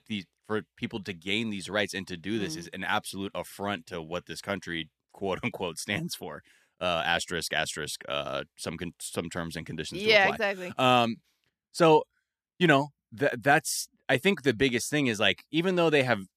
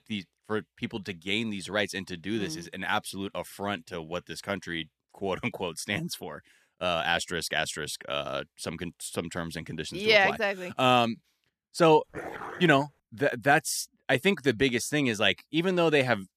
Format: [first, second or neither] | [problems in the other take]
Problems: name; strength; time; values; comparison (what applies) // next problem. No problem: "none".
first | dog barking; faint; at 12 s; peak 10 dB below the speech